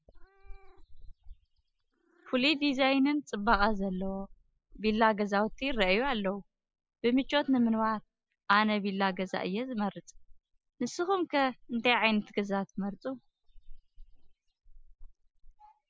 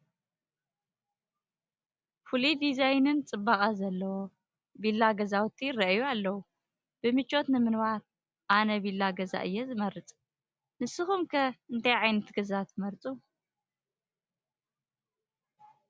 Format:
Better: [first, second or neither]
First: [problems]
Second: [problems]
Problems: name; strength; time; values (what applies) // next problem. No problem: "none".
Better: second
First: noise reduction (classical method spectral subtraction)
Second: none